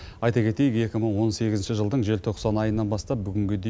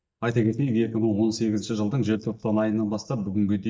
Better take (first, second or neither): first